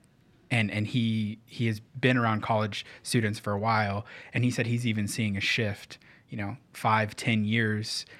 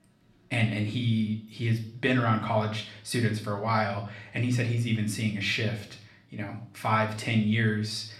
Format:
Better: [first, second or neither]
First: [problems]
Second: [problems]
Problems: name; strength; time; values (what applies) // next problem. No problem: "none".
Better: first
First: none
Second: room echo; slight; dies away in 0.5 s // off-mic speech; somewhat distant